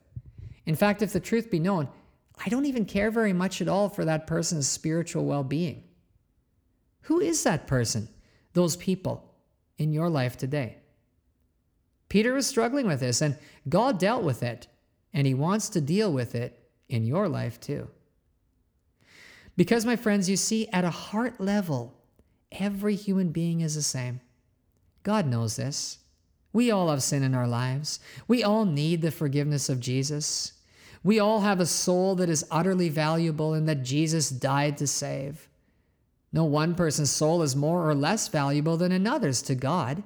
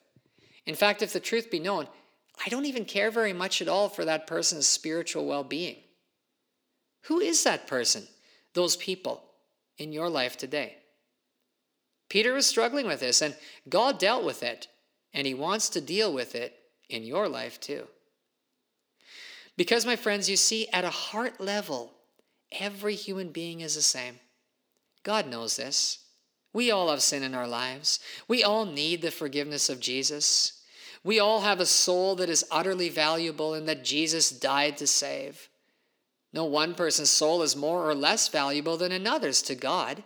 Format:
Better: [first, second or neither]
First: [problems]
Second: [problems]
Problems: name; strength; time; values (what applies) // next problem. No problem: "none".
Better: first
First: none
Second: thin; somewhat; fading below 300 Hz